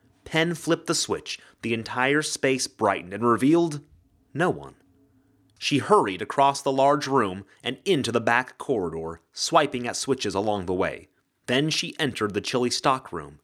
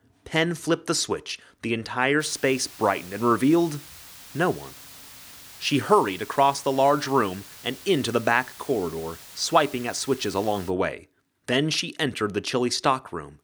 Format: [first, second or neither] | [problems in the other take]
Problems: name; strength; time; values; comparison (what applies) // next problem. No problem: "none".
first | hiss; noticeable; from 2 to 11 s; 20 dB below the speech